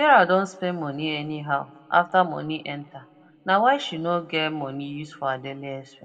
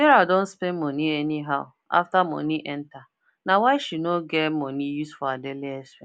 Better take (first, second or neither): second